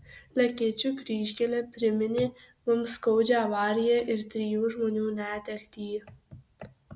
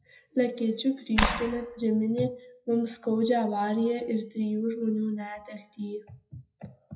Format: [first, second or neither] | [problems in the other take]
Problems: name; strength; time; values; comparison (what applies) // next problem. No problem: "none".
first | noise reduction (classical method WPE with log-MMSE)